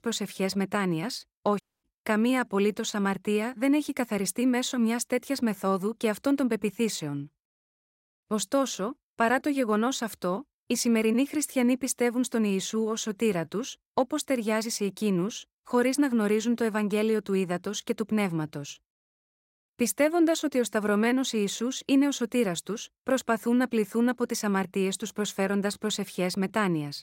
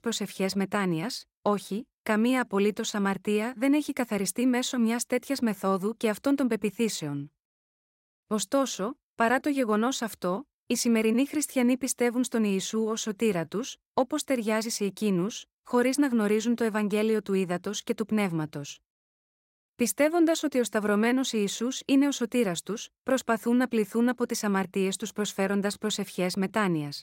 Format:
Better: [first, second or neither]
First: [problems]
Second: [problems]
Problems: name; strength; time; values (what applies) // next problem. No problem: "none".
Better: second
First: audio cutting out; at 1.5 s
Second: none